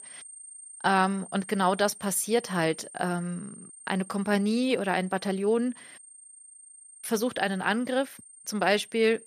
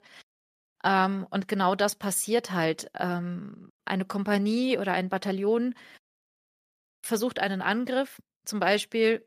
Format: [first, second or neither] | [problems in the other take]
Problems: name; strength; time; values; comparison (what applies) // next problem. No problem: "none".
second | high-pitched whine; noticeable; throughout; 8.5 kHz, 20 dB below the speech